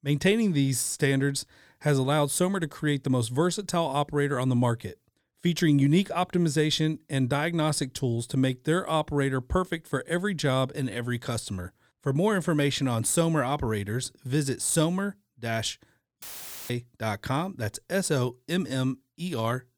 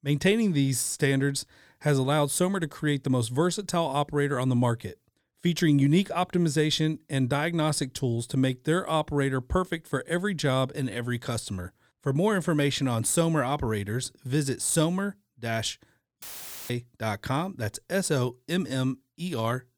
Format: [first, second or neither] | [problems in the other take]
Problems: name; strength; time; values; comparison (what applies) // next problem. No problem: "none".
neither | audio cutting out; filled with static; at 16 s; the same in both